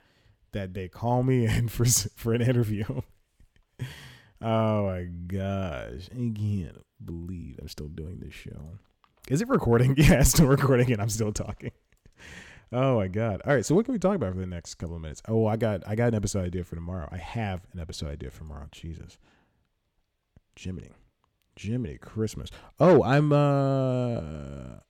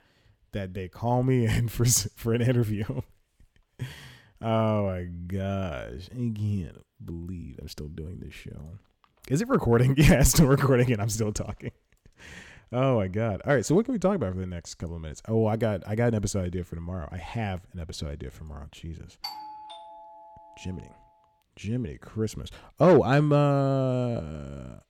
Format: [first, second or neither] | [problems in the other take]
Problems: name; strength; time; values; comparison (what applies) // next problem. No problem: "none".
first | doorbell; faint; from 19 to 20 s; peak 10 dB below the speech